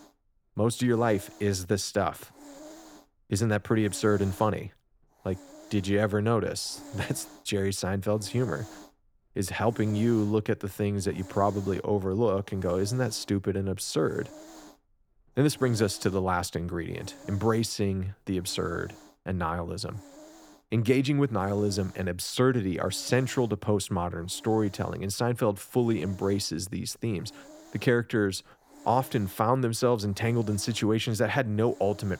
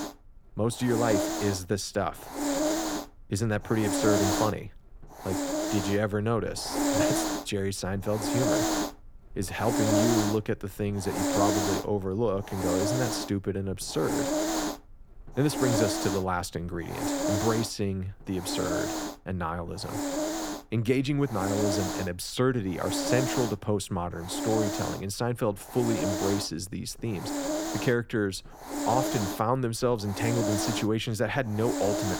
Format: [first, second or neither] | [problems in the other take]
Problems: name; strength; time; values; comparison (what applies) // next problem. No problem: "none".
first | hiss; loud; throughout; 1 dB below the speech; faint in the first